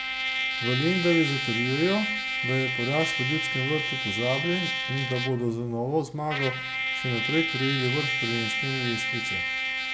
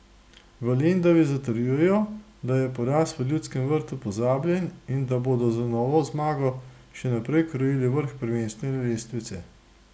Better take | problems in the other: second | background sound (Trumpet); 1 dB below the speech

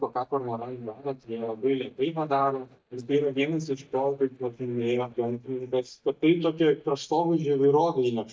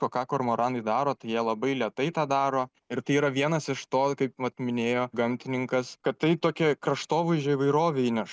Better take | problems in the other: second | noise reduction (neural mask model DeepFilterNet 3)

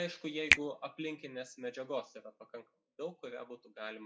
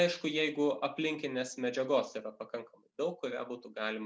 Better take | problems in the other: second | noise reduction (classical method WPE with log-MMSE)

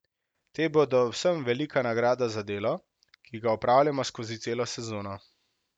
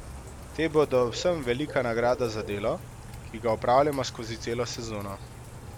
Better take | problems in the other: first | background sound (Bird / Rain); 13 dB below the speech

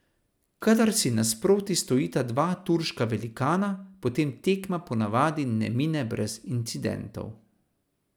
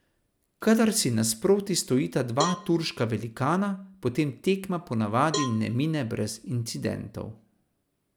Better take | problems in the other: first | background sound (Cowbell); 12 dB below the speech

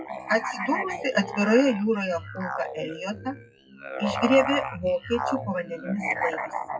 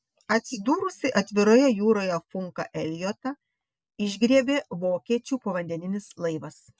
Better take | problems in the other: second | noise reduction (classical method WPE with log-MMSE)

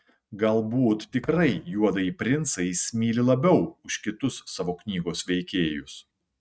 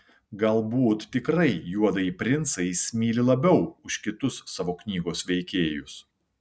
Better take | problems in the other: second | noise reduction (neural mask model RNNoise)

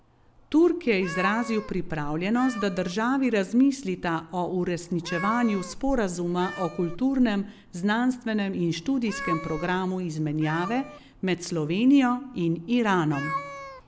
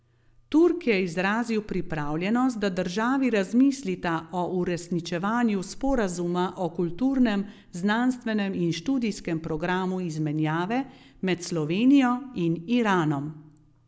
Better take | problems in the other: second | background sound (Meow); 14 dB below the speech

